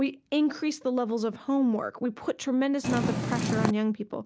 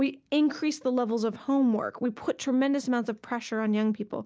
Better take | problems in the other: second | background sound (Purr); as loud as the speech

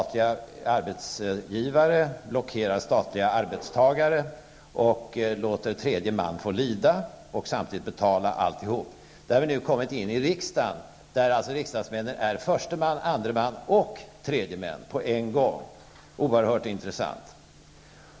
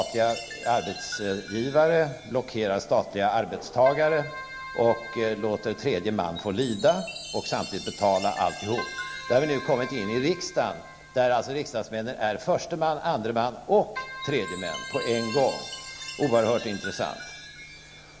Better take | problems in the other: first | background sound (Keyboard (musical) + Chime); 13 dB below the speech

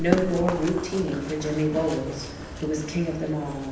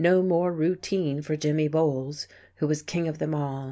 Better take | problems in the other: second | background sound (Run); 7 dB below the speech // room echo; dies away in 0.9 s

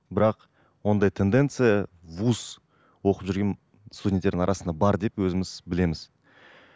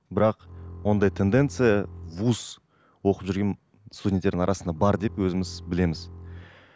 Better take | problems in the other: first | background sound (Bowed string instrument); 15 dB below the speech

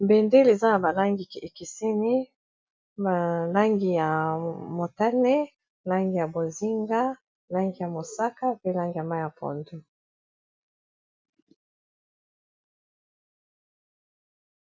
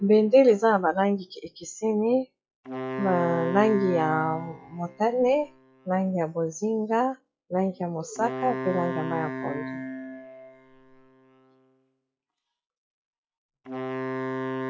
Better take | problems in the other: first | noise reduction (classical method log-MMSE)

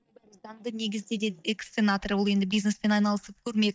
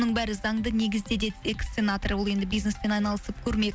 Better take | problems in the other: second | noise reduction (neural mask model DeepFilterNet 3)

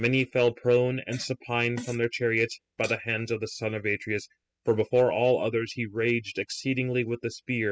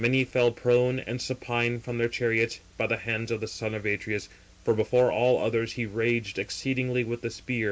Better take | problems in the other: second | noise reduction (classical method spectral subtraction)

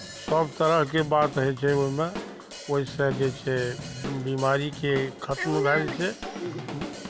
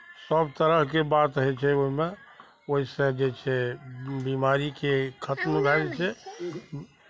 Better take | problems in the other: second | background sound (Drum / Drum kit); 12 dB below the speech

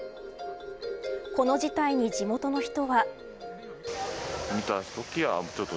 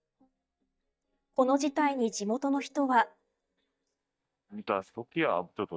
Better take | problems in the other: first | noise reduction (neural mask model DeepFilterNet 3)

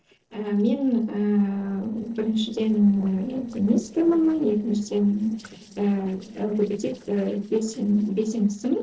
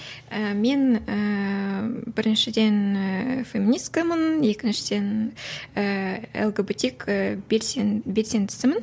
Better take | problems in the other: second | noise reduction (neural separator model SepFormer DNS4)

